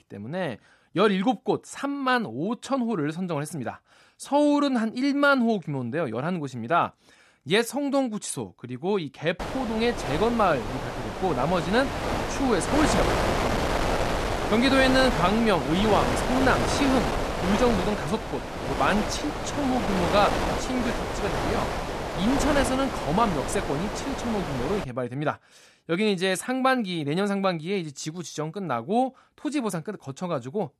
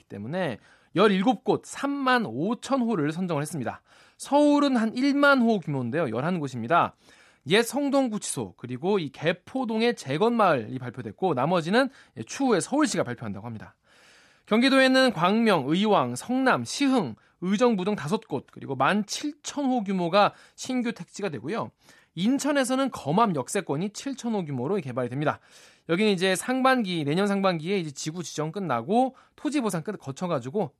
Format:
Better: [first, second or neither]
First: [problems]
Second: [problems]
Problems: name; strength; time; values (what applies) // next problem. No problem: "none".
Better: second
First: wind noise on the microphone; heavy; from 9.5 to 25 s; 2 dB below the speech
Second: none